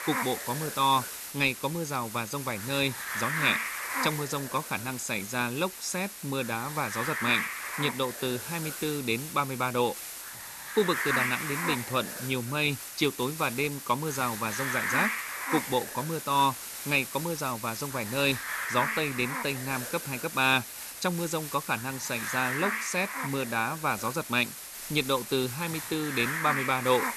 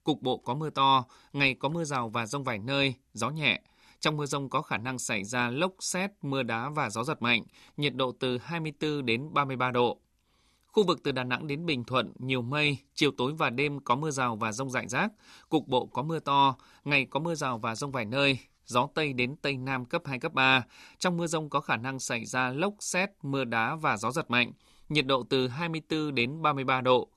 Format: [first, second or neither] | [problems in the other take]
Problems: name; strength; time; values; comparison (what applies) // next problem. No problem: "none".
second | hiss; loud; throughout; 4 dB below the speech